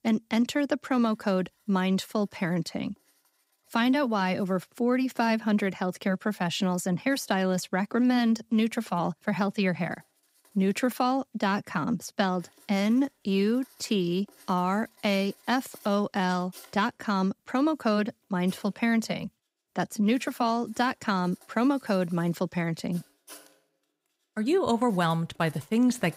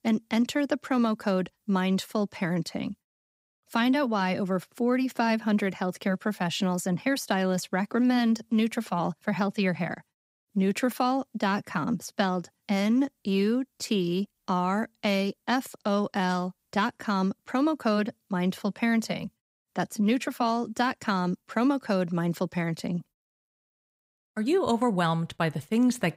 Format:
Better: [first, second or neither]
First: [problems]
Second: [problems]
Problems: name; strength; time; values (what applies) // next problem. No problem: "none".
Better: second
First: household noises; faint; throughout; 25 dB below the speech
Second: none